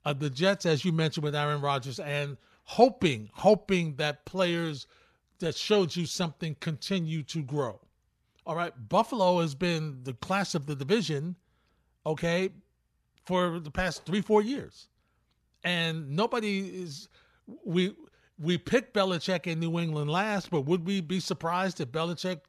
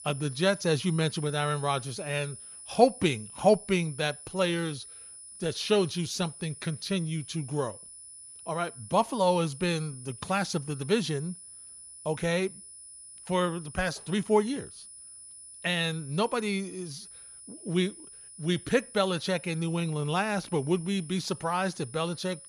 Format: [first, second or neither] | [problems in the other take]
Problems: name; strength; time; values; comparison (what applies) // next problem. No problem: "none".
first | high-pitched whine; noticeable; throughout; 10 kHz, 15 dB below the speech